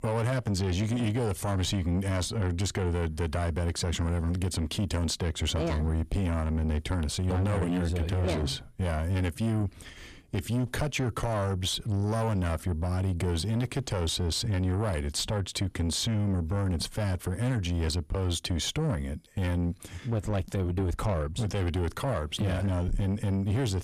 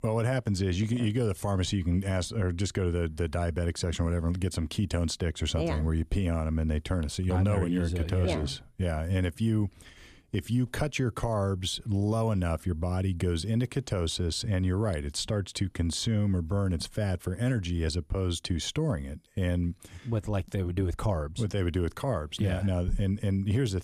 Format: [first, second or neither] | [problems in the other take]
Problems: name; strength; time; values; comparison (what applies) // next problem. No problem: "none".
second | distortion; slight; 10 dB below the speech